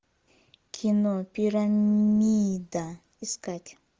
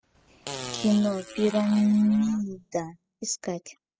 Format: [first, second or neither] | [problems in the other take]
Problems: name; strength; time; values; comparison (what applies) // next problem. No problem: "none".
first | noise reduction (classical method spectral subtraction)